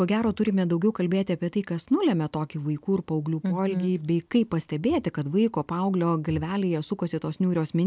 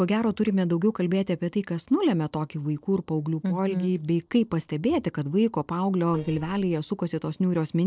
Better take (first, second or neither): first